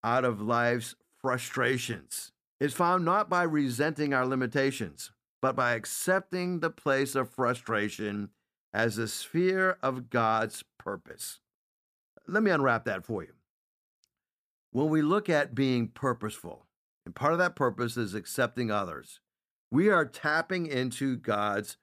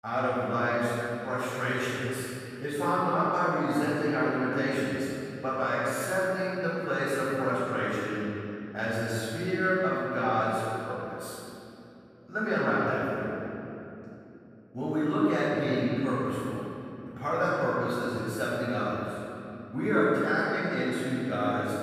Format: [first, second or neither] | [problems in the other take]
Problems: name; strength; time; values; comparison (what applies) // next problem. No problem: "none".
first | off-mic speech; far // room echo; strong; dies away in 2.8 s